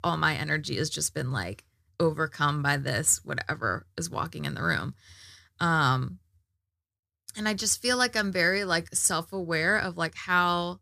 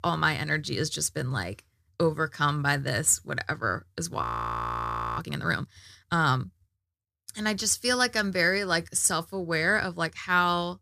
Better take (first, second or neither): first